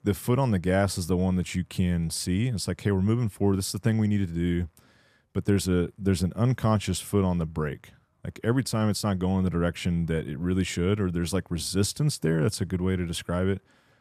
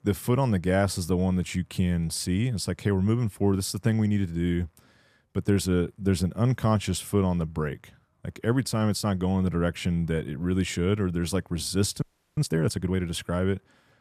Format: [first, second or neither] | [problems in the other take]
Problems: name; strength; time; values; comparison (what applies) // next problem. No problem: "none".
first | audio freezing; at 12 s